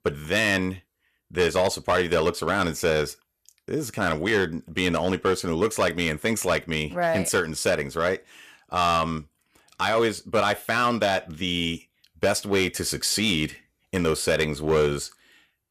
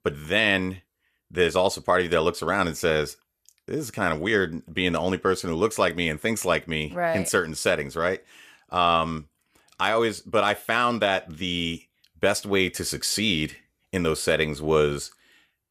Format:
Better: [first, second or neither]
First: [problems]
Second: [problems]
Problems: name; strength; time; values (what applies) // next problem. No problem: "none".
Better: second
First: distortion; slight; 4% of the sound clipped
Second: none